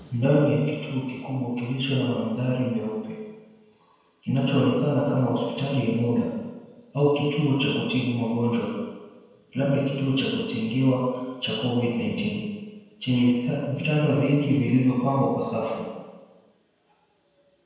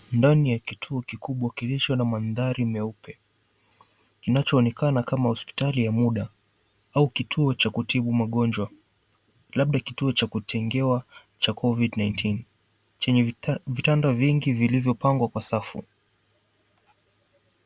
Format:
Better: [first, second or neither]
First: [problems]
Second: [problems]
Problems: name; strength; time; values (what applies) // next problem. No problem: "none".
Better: second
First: room echo; dies away in 1.2 s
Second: none